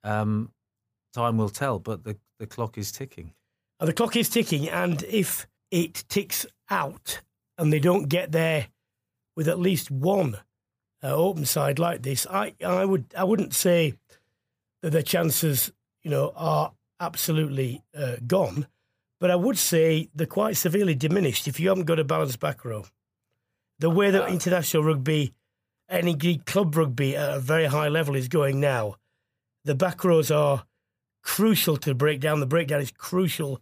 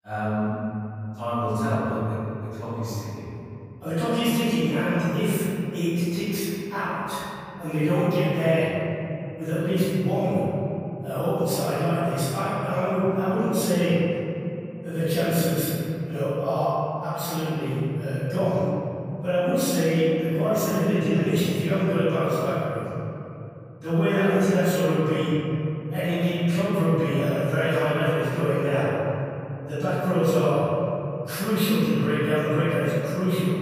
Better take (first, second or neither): first